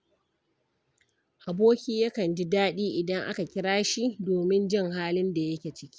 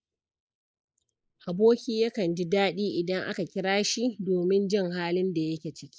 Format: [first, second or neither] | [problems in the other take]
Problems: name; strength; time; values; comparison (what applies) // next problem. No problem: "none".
first | noise reduction (neural mask model Resemble Enhance denoiser)